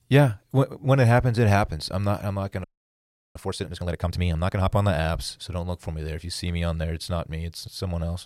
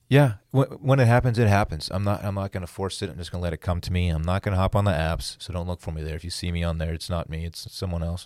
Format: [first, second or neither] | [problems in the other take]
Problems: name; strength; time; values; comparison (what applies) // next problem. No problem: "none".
second | audio freezing; at 2.5 s for 0.5 s